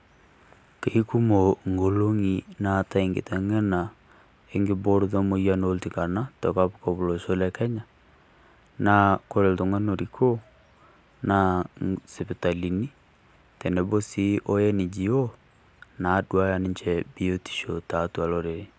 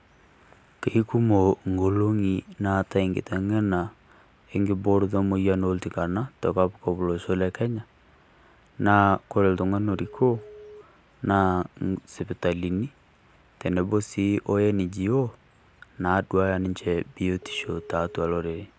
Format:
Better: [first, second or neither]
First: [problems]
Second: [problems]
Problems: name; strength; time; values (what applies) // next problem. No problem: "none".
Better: first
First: none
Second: background sound (Telephone); 19 dB below the speech